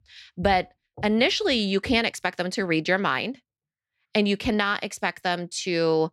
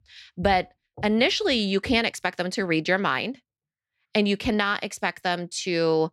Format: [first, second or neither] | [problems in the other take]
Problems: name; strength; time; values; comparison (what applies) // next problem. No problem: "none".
neither | none